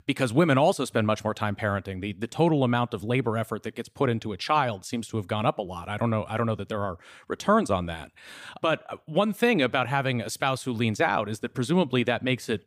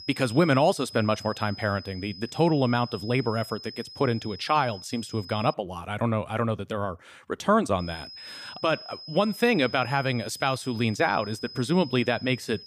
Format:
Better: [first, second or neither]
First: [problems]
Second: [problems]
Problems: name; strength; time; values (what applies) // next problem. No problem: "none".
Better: first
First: none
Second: high-pitched whine; noticeable; until 5.5 s and from 8 s on; 5 kHz, 15 dB below the speech